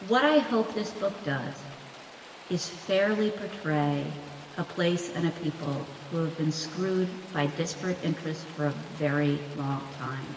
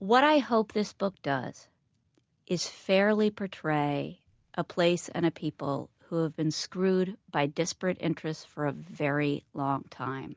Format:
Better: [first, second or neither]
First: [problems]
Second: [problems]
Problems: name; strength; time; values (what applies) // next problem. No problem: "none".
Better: second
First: background sound (Rain); 17 dB below the speech // room echo; dies away in 1.8 s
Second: none